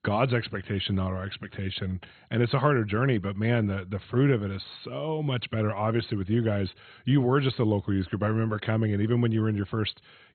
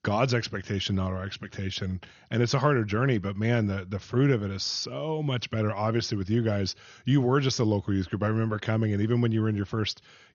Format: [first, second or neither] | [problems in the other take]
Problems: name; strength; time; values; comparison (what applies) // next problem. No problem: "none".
second | garbled, watery; badly; nothing above 4 kHz; slightly in the second